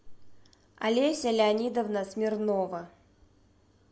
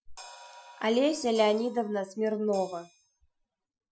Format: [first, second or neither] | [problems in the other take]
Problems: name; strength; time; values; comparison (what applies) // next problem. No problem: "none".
first | noise reduction (classical method Wiener filter)